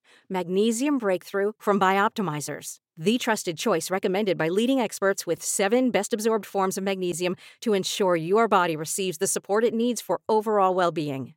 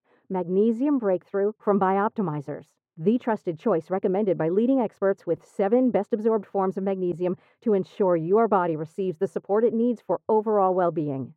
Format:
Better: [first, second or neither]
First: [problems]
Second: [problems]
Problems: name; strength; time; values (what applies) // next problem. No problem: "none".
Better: first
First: none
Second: muffled; very; fading above 2.5 kHz